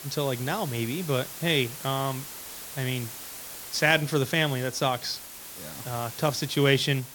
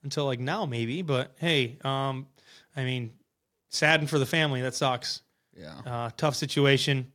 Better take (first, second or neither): second